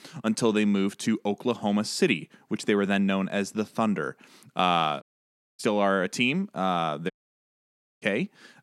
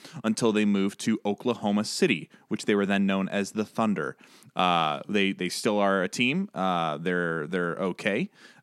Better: second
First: audio cutting out; at 5 s for 0.5 s and at 7 s for 1 s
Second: none

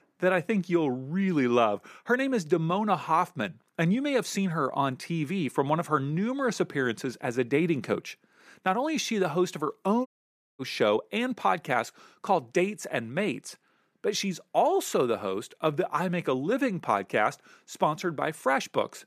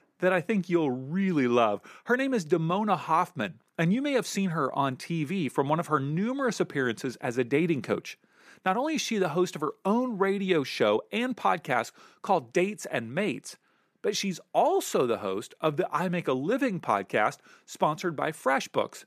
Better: second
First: audio cutting out; at 10 s for 0.5 s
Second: none

